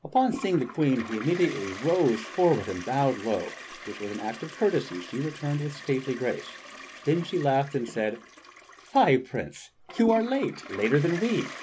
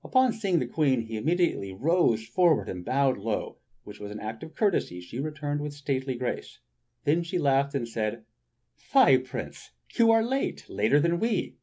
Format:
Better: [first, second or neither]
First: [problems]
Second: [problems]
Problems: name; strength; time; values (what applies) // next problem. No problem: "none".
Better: second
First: background sound (Toilet flush); 14 dB below the speech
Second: none